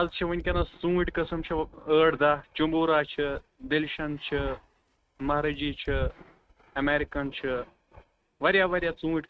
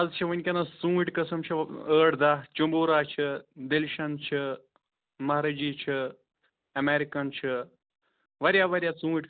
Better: second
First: noise reduction (neural mask model RNNoise)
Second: none

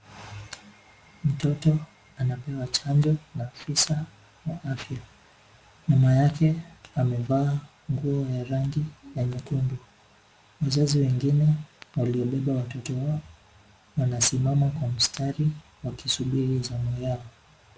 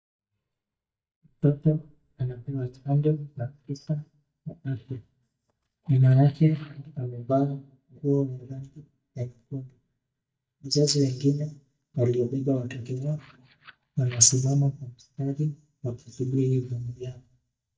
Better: first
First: none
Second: noise reduction (neural mask model DeepFilterNet 3)

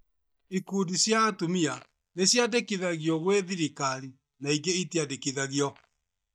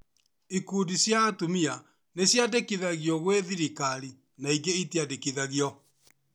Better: second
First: noise reduction (neural mask model DeepFilterNet 3)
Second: none

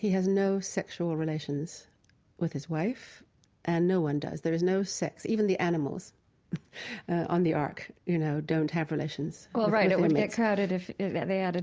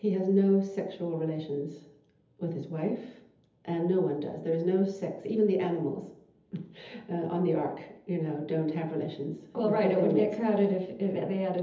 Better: first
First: none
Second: room echo; dies away in 0.7 s

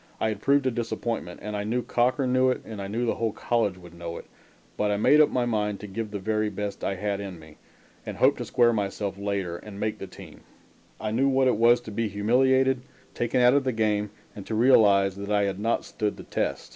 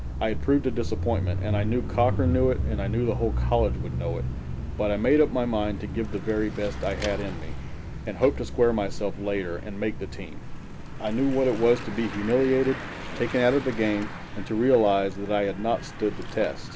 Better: first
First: none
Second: background sound (Mechanisms / Bicycle); 5 dB below the speech

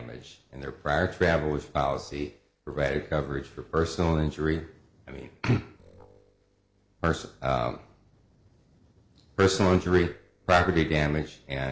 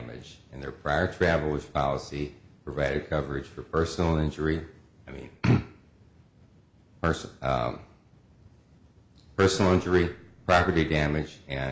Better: second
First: noise reduction (neural separator model SepFormer DNS4)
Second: none

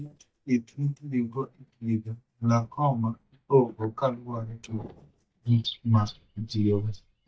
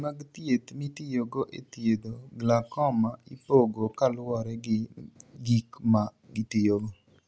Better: second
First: noise reduction (neural mask model DeepFilterNet 3)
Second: none

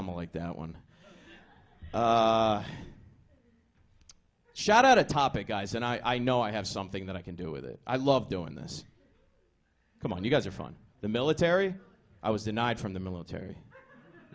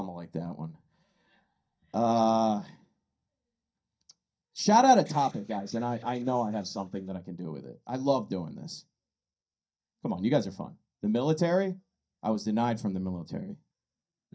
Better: first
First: none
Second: noise reduction (neural mask model DeepFilterNet 3)

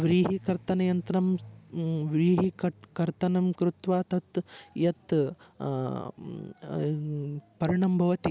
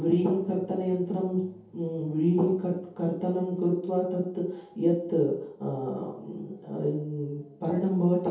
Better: first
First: none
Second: room echo; dies away in 0.7 s

